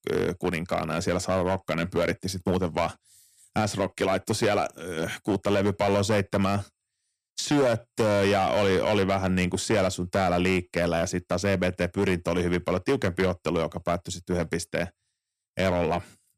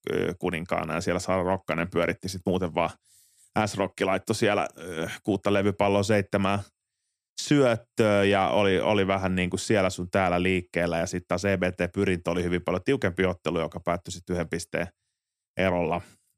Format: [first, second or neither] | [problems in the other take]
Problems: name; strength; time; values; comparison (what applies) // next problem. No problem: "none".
second | distortion; slight; 6% of the sound clipped